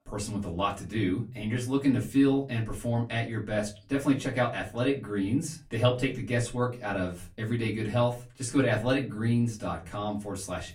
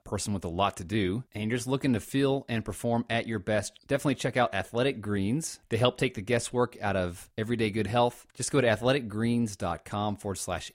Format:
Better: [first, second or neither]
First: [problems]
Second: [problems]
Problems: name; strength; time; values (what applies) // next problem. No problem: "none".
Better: second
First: off-mic speech; far // room echo; very slight; dies away in 0.3 s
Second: none